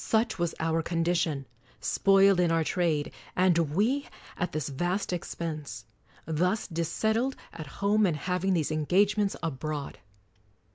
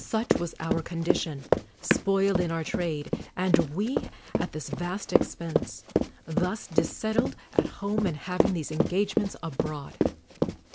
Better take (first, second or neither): first